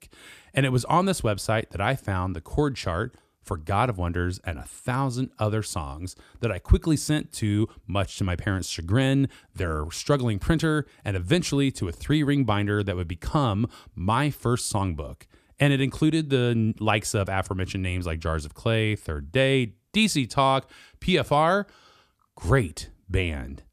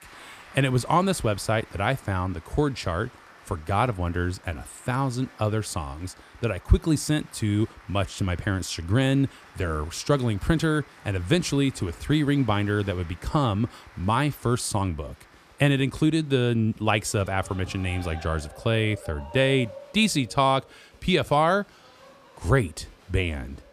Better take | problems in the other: first | crowd noise; faint; throughout; 20 dB below the speech

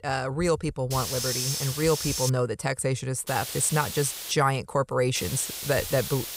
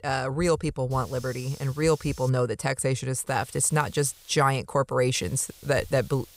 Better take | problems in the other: second | hiss; loud; from 1 to 2.5 s, from 3.5 to 4.5 s and from 5 s on; 4 dB below the speech; faint in the second

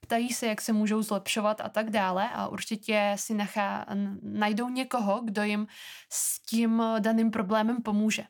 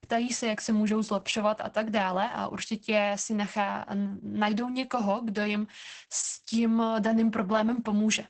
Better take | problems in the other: first | garbled, watery; badly; nothing above 8 kHz

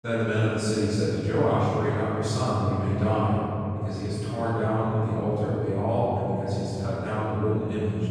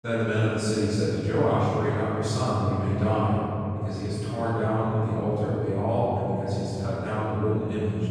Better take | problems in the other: neither | room echo; strong; dies away in 3 s; the same in both // off-mic speech; far; the same in both

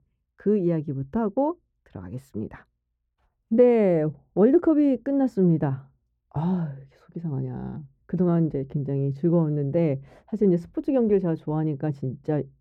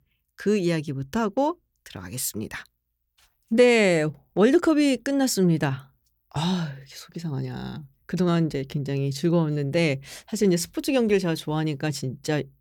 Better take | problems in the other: second | muffled; very; fading above 2 kHz

